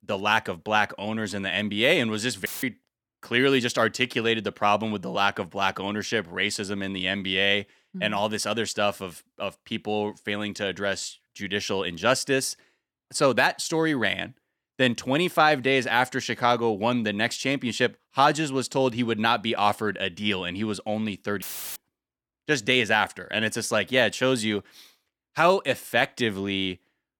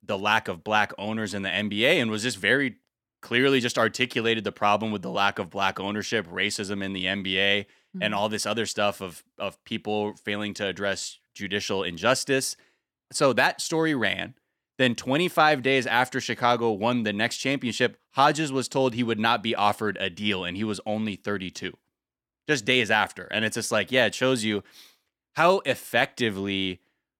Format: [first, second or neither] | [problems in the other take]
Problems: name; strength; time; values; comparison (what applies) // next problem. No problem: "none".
second | audio cutting out; filled with static; at 2.5 s and at 21 s